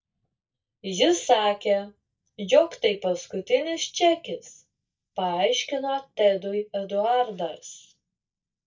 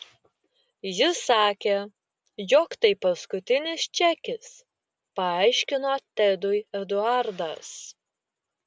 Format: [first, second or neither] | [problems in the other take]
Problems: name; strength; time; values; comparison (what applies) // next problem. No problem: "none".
second | noise reduction (neural mask model DeepFilterNet 3)